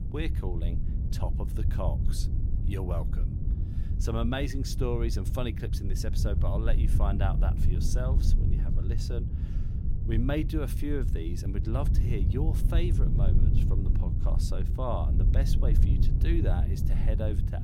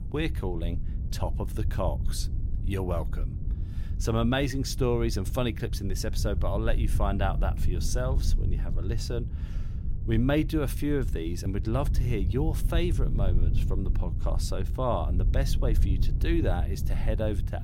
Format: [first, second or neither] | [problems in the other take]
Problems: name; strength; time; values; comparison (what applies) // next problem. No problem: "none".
second | wind noise on the microphone; heavy; 6 dB below the speech; occasional gusts in the second